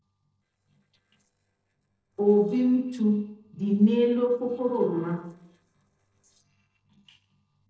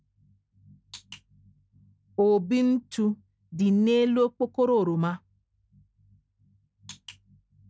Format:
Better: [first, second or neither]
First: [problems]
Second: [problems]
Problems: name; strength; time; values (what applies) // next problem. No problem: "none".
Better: second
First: noise reduction (neural separator model SepFormer DNS4)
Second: none